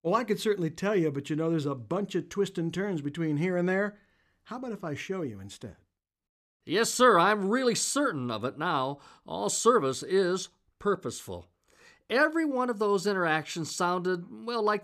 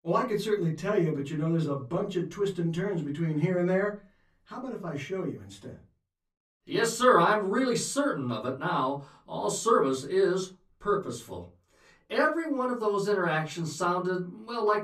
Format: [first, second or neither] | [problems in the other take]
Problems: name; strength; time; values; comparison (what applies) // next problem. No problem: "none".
first | off-mic speech; far // room echo; very slight; dies away in 0.2 s